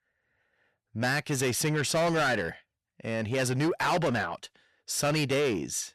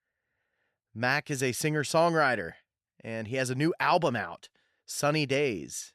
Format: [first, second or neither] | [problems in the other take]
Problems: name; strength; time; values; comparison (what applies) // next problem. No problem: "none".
second | distortion; heavy; 7 dB below the speech